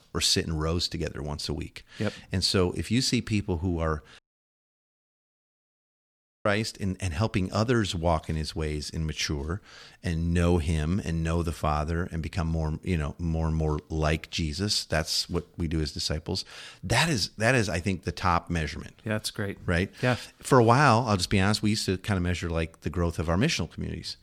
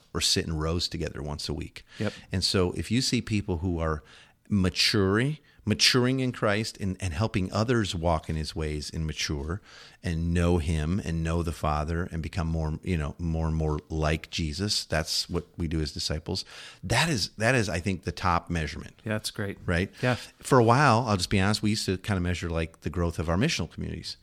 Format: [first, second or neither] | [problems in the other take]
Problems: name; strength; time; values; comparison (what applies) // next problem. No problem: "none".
second | audio cutting out; at 4 s for 2.5 s